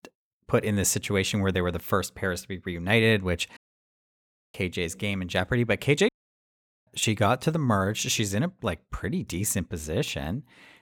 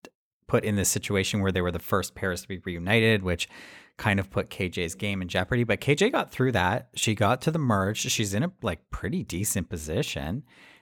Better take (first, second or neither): second